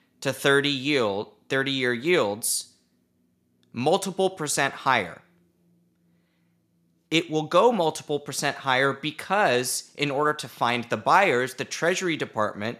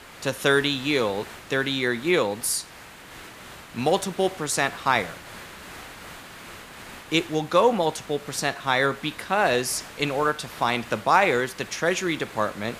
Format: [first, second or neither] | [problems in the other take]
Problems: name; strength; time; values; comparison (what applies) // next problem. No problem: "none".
first | hiss; noticeable; throughout; 15 dB below the speech